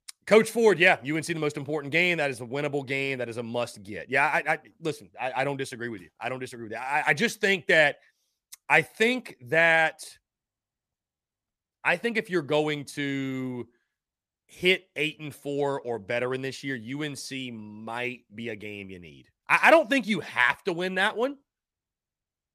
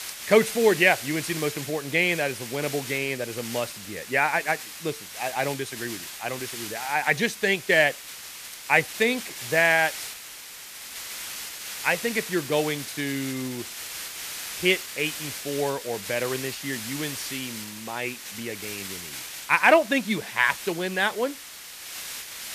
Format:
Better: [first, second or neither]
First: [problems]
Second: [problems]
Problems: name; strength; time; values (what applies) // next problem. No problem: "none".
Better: first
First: none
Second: hiss; loud; throughout; 10 dB below the speech